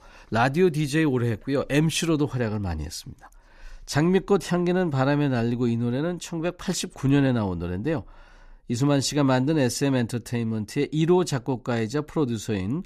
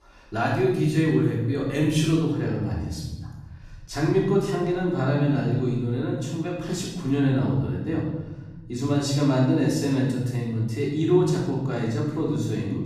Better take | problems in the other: first | room echo; noticeable; dies away in 1.5 s // off-mic speech; far

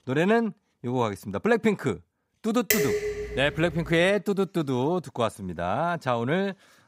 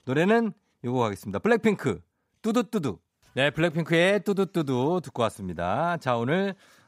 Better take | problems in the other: second | clattering dishes; loud; at 2.5 s; peak 2 dB above the speech

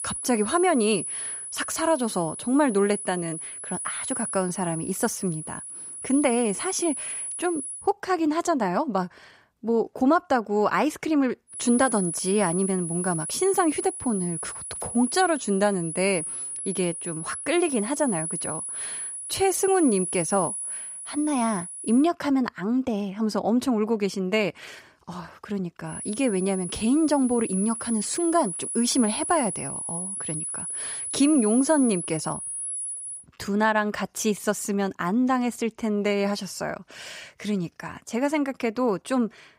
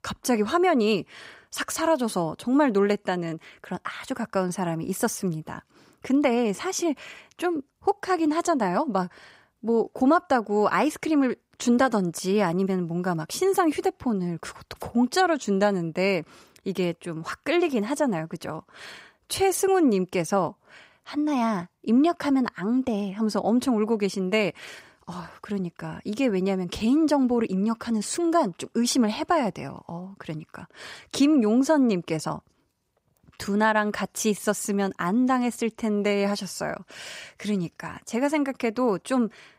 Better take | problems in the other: second | high-pitched whine; loud; until 8 s, from 12 to 22 s and from 26 to 33 s; 10 kHz, 5 dB below the speech

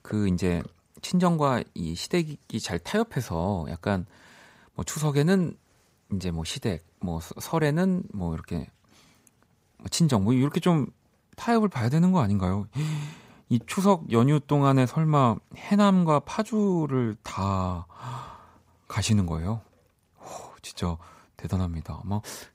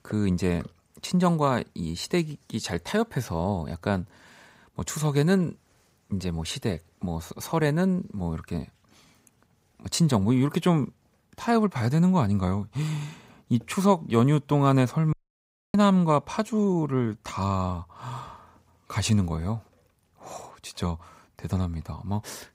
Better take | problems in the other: first | audio cutting out; at 15 s for 0.5 s

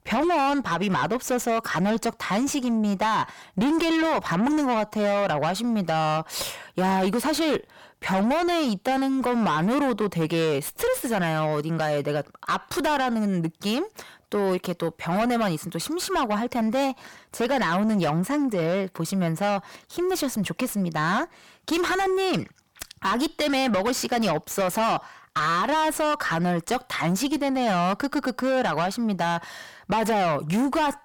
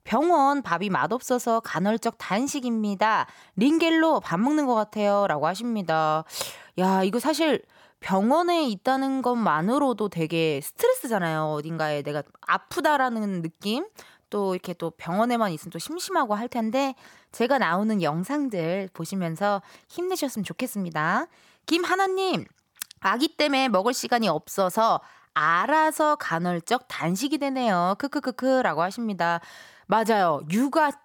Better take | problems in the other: second | distortion; heavy; 7 dB below the speech

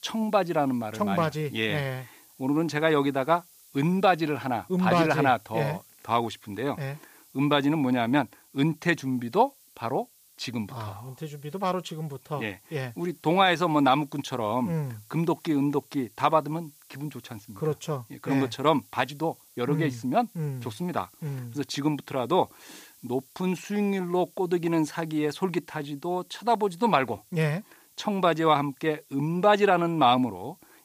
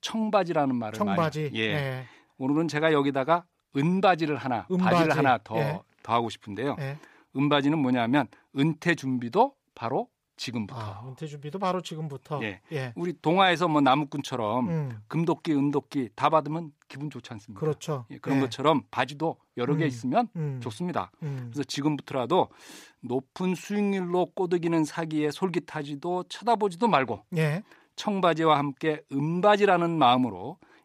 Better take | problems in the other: second | hiss; faint; throughout; 25 dB below the speech

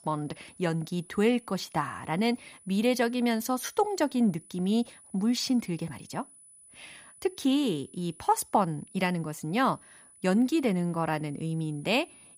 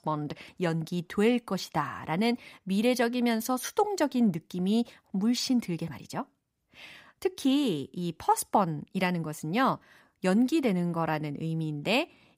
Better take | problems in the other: second | high-pitched whine; faint; throughout; 10 kHz, 25 dB below the speech

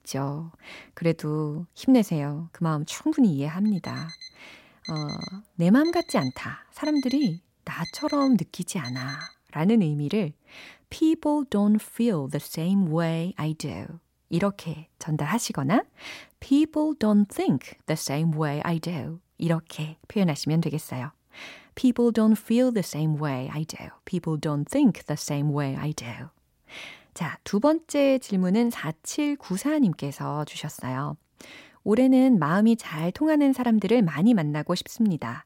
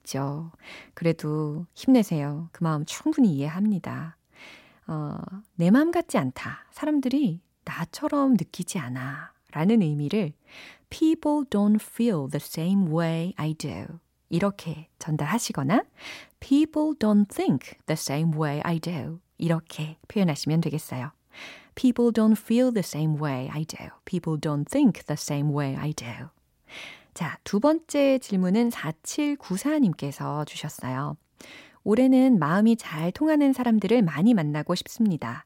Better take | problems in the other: second | alarm; faint; from 3.5 to 9.5 s; peak 10 dB below the speech

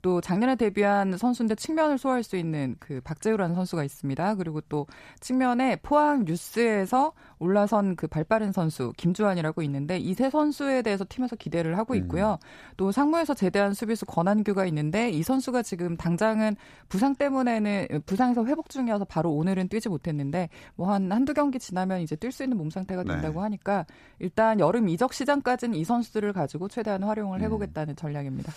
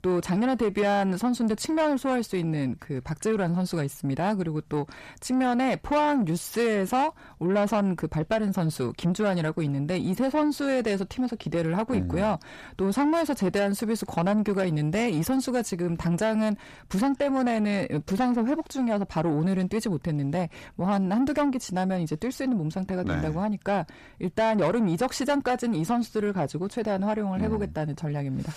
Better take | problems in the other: first | distortion; slight; 10 dB below the speech

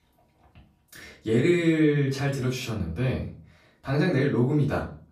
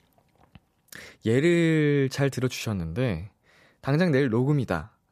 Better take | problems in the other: second | off-mic speech; far // room echo; slight; dies away in 0.3 s

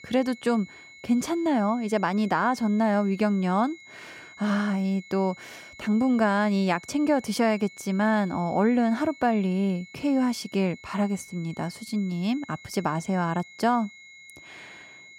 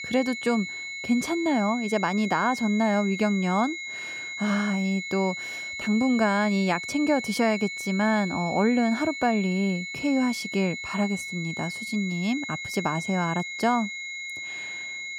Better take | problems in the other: first | high-pitched whine; loud; throughout; 2 kHz, 7 dB below the speech; faint in the first

